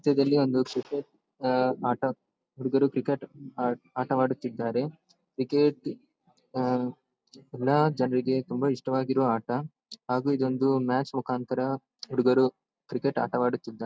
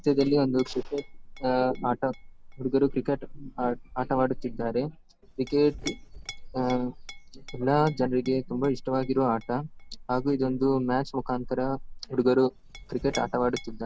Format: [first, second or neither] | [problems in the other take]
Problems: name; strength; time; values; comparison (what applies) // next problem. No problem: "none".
first | background sound (Chink, clink); 13 dB below the speech